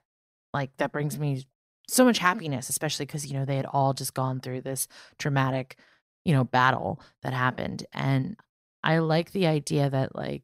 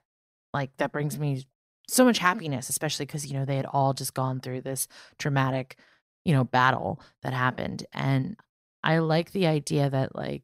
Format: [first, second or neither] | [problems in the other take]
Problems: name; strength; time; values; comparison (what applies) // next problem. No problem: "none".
neither | none